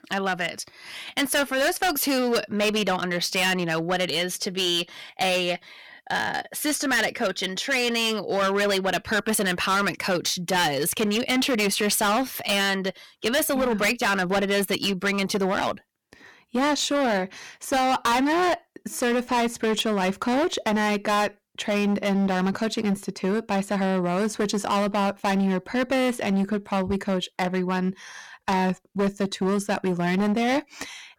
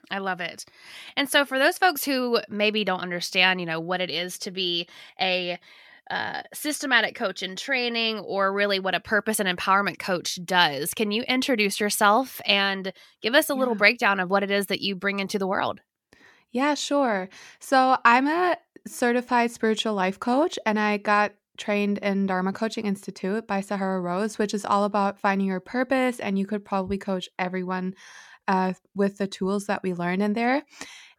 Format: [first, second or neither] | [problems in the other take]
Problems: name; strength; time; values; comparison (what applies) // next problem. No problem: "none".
second | distortion; heavy; 17% of the sound clipped